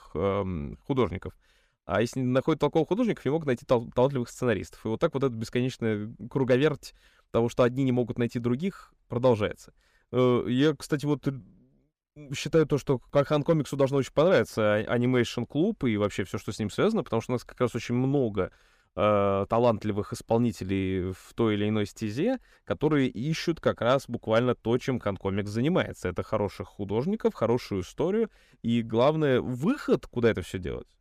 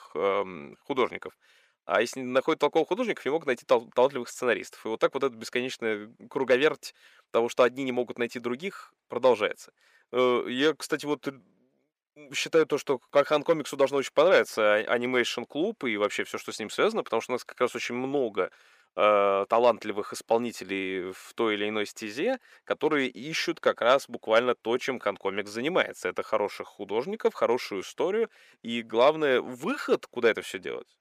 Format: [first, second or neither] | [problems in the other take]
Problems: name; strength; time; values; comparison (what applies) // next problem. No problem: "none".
first | thin; somewhat; fading below 400 Hz